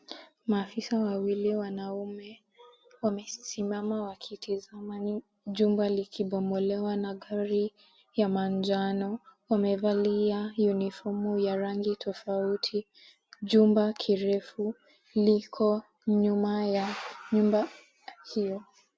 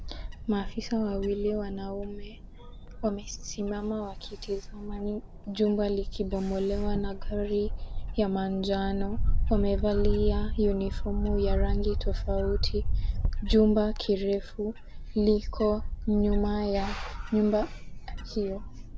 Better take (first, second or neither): first